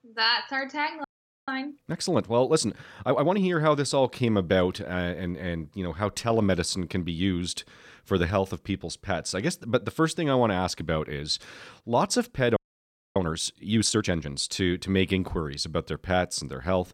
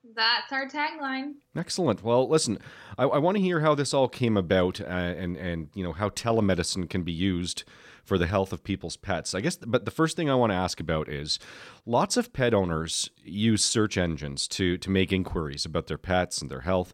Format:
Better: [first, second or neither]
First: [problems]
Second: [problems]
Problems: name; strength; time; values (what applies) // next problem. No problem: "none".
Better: second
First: audio freezing; at 1 s and at 13 s for 0.5 s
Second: none